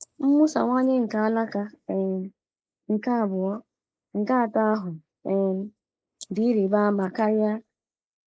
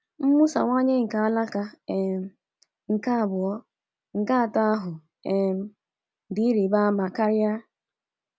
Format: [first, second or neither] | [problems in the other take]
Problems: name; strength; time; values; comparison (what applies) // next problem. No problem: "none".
second | noise reduction (neural mask model Resemble Enhance denoiser)